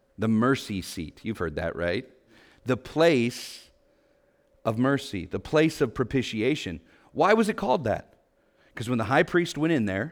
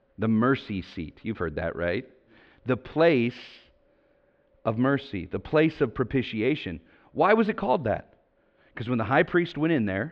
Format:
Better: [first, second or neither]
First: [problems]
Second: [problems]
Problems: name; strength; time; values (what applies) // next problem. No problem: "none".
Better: first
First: none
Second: muffled; slightly; fading above 3.5 kHz